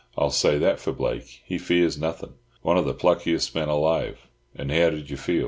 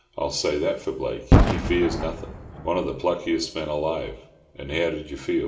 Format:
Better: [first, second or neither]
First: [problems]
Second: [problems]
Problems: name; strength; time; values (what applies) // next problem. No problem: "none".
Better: first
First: none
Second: background sound (Boom); 2 dB above the speech // room echo; dies away in 1.2 s